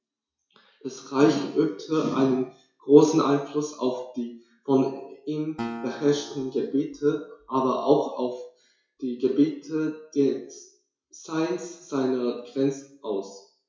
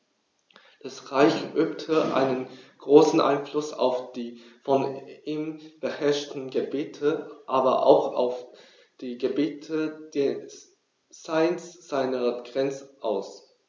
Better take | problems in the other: second | noise reduction (classical method WPE with log-MMSE)

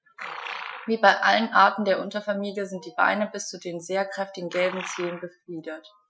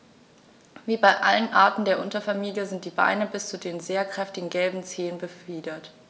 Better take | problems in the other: second | noise reduction (classical method Wiener filter)

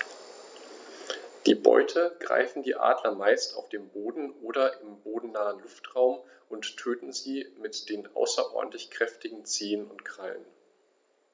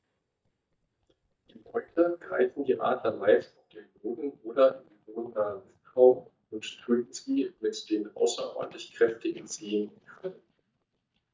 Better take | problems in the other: first | noise reduction (neural mask model DeepFilterNet 3)

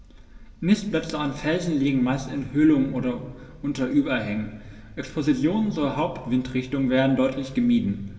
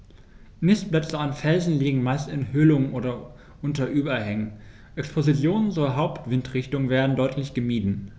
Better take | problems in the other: second | room echo; dies away in 1.6 s

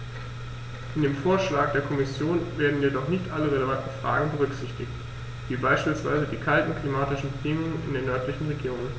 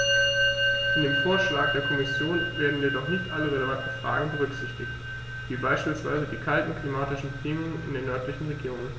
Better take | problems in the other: first | background sound (Musical instrument); 1 dB below the speech

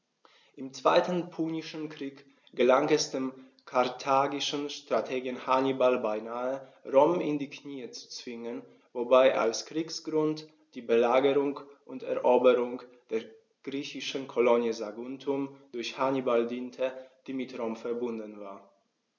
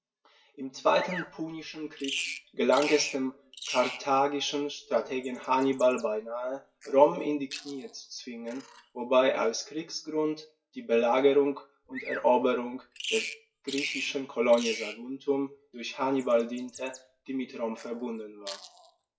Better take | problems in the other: first | noise reduction (classical method WPE with log-MMSE)

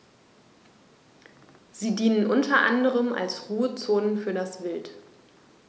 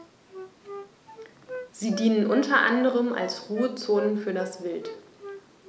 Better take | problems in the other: first | background sound (Wind instrument, woodwind instrument); 13 dB below the speech

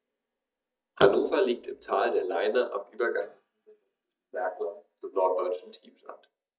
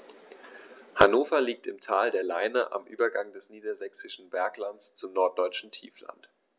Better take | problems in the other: second | noise reduction (neural mask model DeepFilterNet 3)

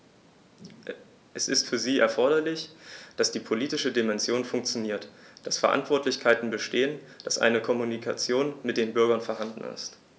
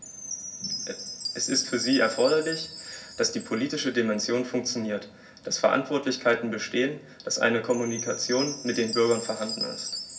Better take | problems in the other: first | background sound (Chime); 11 dB below the speech // room echo; dies away in 0.4 s

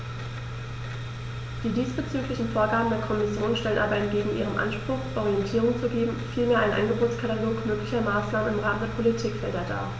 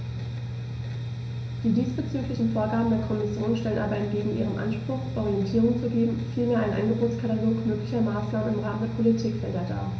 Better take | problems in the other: first | room echo; dies away in 0.5 s

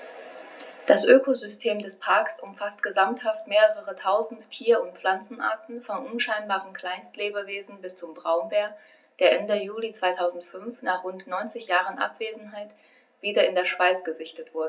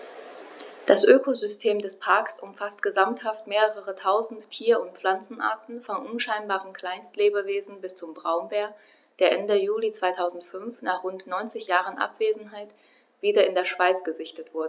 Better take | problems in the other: second | room echo; dies away in 0.4 s

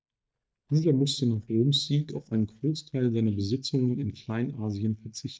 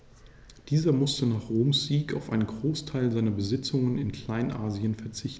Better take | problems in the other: second | noise reduction (neural mask model DeepFilterNet 3)

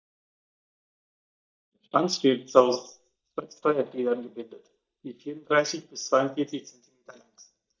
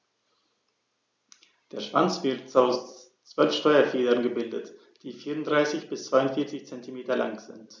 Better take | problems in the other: second | noise reduction (neural mask model DeepFilterNet 3)

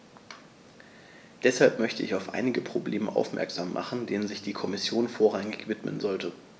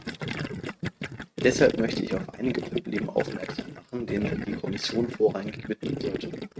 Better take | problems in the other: first | noise reduction (neural mask model RNNoise)

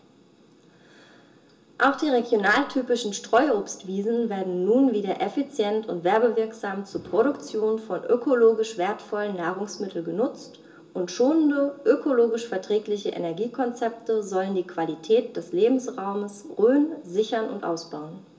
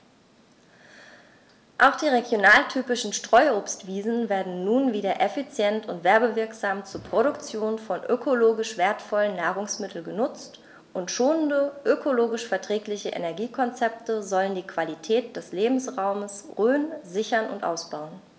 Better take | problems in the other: second | room echo; dies away in 0.2 s

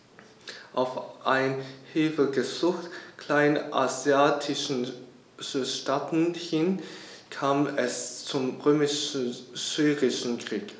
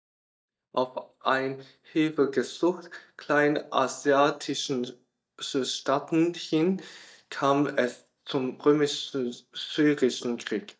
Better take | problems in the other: first | noise reduction (neural mask model DeepFilterNet 3)

